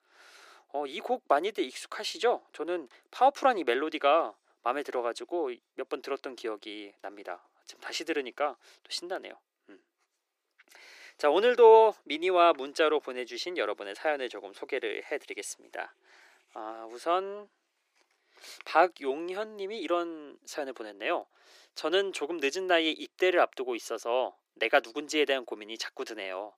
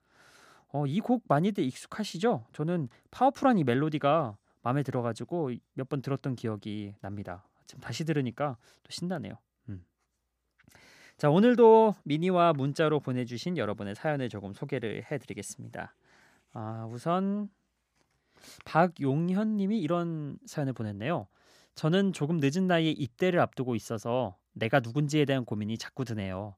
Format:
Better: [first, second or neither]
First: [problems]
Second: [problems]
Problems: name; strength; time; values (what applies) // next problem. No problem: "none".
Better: second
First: thin; very; fading below 350 Hz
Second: none